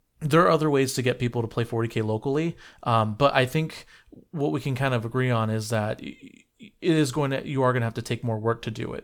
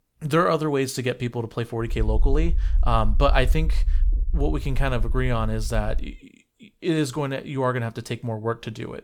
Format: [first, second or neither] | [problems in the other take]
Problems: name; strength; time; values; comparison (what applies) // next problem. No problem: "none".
first | low rumble; faint; from 2 to 6 s; 25 dB below the speech